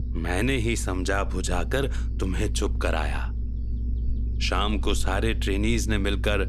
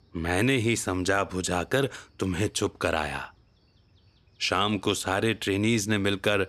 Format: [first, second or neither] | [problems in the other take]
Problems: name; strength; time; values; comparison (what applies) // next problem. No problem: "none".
second | low rumble; noticeable; throughout; 20 dB below the speech